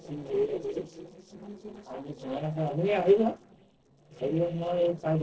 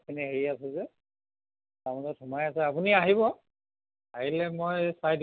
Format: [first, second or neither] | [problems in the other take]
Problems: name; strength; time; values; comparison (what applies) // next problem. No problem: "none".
second | noise reduction (neural separator model SepFormer DNS4)